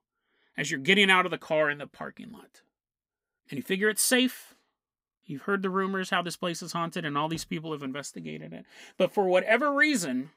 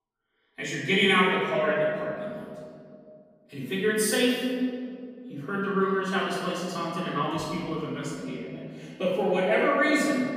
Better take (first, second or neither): first